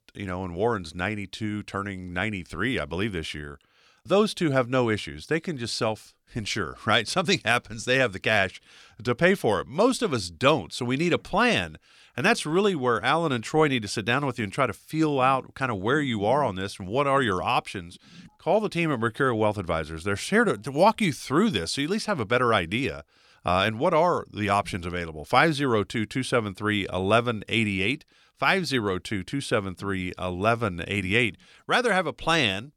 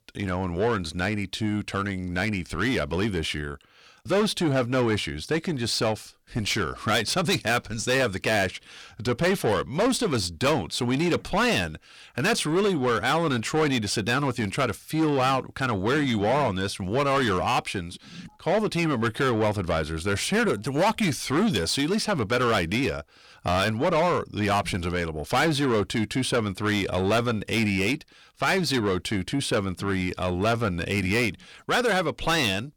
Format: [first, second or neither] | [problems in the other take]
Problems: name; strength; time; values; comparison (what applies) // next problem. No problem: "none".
first | distortion; heavy; 7 dB below the speech